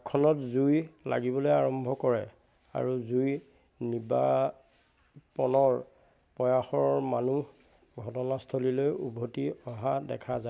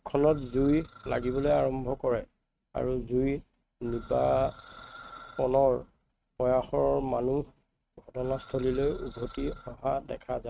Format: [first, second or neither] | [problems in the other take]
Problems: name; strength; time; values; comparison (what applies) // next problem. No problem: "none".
first | noise reduction (neural mask model RNNoise)